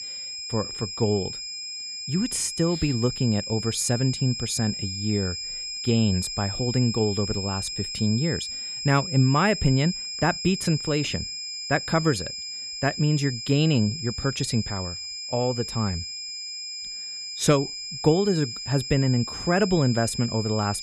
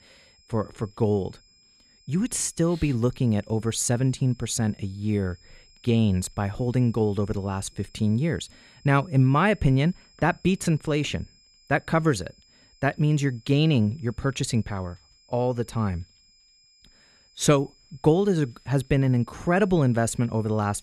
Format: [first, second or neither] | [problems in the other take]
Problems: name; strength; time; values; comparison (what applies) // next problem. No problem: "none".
second | high-pitched whine; loud; throughout; 5 kHz, 6 dB below the speech; faint in the second